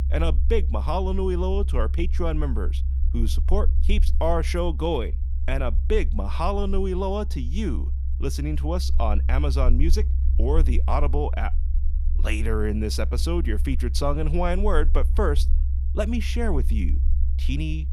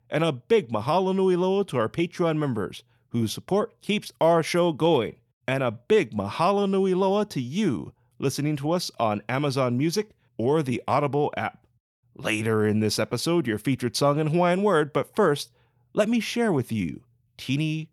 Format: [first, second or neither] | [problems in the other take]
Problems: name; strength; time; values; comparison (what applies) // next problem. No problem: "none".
second | low rumble; noticeable; throughout; 15 dB below the speech